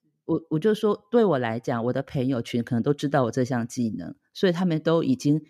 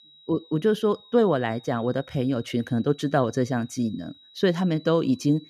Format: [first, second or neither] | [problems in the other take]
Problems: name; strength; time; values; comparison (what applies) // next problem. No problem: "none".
first | high-pitched whine; faint; throughout; 4 kHz, 25 dB below the speech